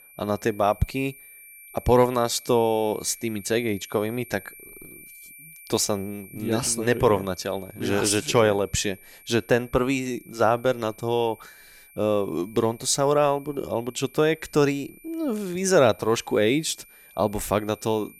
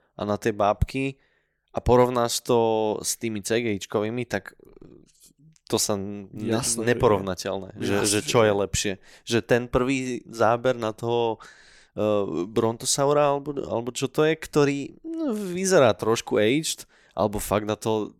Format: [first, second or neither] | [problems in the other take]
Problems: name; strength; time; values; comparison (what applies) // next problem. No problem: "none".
second | high-pitched whine; faint; throughout; 2.5 kHz, 20 dB below the speech